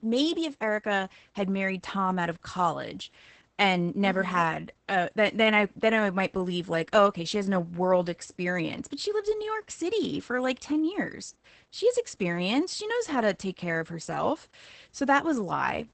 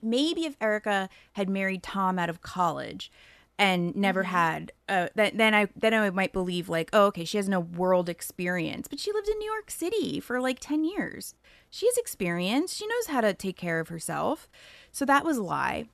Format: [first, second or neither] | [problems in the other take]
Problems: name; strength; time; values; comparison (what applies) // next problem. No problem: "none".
second | garbled, watery; badly; nothing above 8 kHz